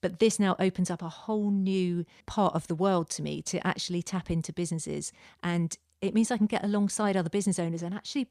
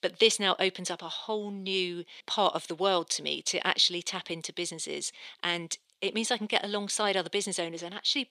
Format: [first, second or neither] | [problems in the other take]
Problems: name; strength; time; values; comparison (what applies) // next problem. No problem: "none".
first | thin; somewhat; fading below 400 Hz